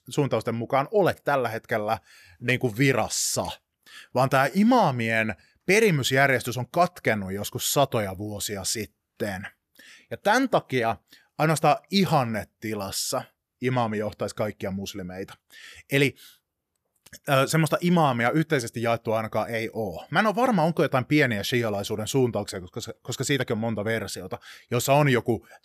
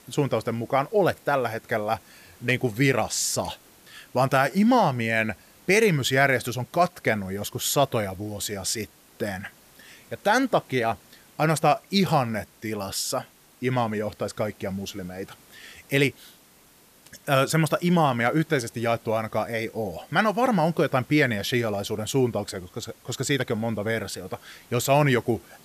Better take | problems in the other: first | hiss; faint; throughout; 30 dB below the speech

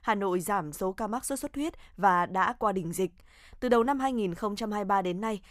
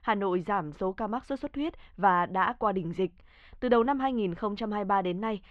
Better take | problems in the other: first | muffled; slightly; fading above 3.5 kHz

